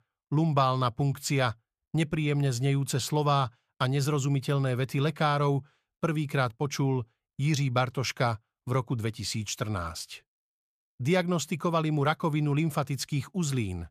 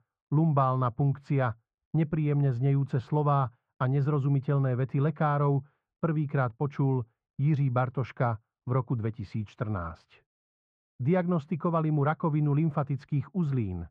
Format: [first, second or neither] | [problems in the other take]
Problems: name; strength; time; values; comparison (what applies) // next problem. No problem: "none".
first | muffled; very; fading above 1 kHz